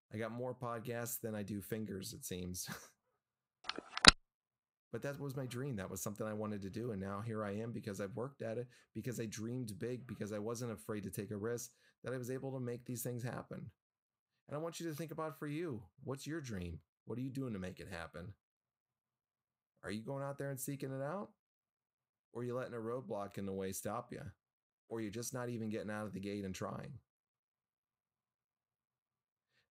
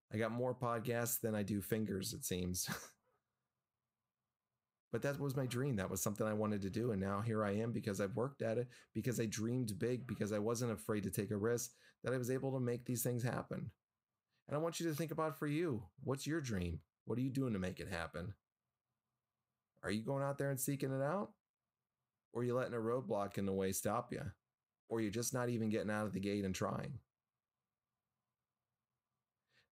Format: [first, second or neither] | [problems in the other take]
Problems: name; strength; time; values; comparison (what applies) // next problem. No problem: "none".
second | phone ringing; very faint; at 4 s; peak 20 dB above the speech